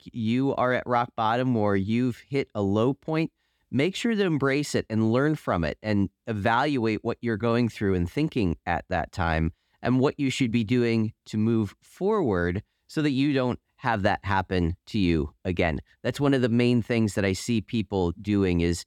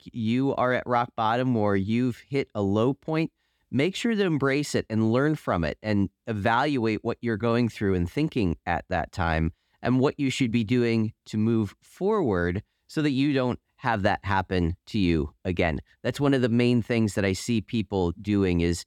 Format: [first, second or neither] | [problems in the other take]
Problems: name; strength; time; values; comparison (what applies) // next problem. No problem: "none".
neither | none